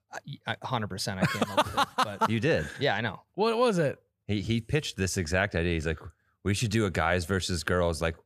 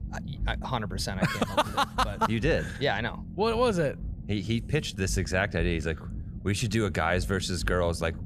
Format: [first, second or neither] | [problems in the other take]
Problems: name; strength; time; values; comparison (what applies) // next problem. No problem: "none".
first | low rumble; faint; throughout; 20 dB below the speech